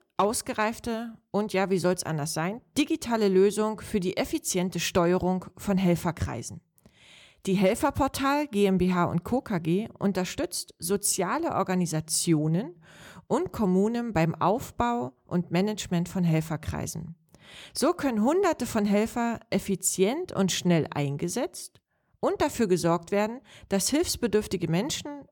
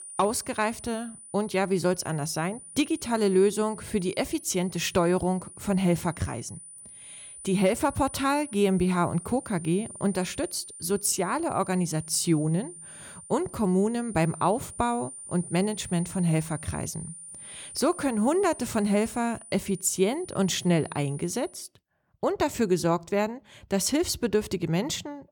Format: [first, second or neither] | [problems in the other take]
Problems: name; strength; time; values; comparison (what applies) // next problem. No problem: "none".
first | high-pitched whine; noticeable; until 22 s; 9.5 kHz, 15 dB below the speech